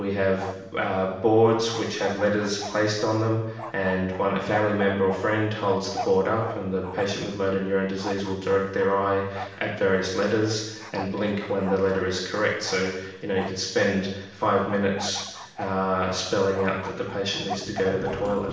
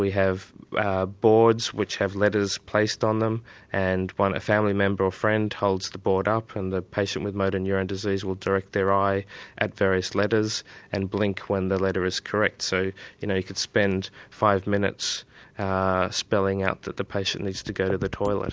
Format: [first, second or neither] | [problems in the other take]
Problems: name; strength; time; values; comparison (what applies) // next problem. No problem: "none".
second | background sound (Bark); 15 dB below the speech // room echo; dies away in 0.9 s